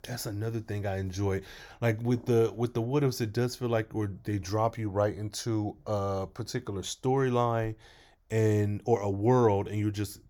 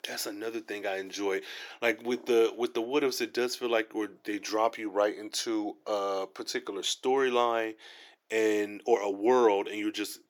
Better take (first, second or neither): first